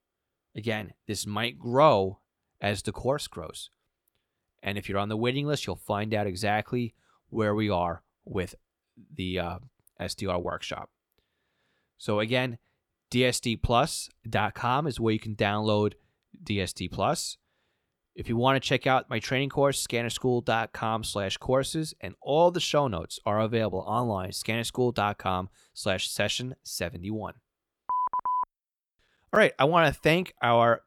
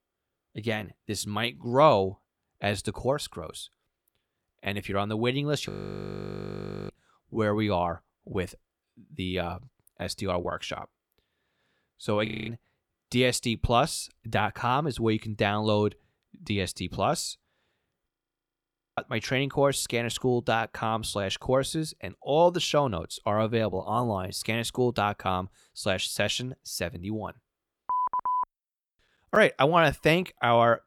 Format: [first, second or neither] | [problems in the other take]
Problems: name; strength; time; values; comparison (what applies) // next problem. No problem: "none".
first | audio freezing; at 5.5 s for 1 s, at 12 s and at 18 s for 1 s